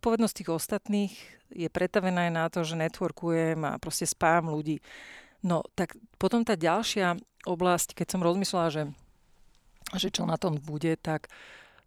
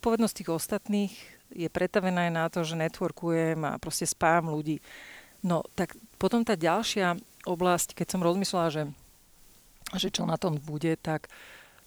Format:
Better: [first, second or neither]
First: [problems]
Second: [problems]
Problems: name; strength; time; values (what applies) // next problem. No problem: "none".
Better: first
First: none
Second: hiss; faint; throughout; 25 dB below the speech